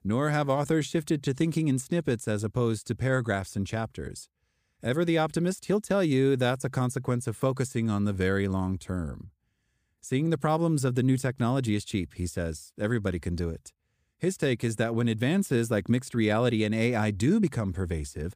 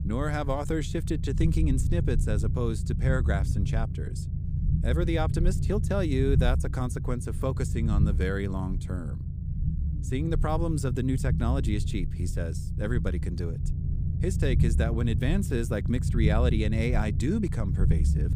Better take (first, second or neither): first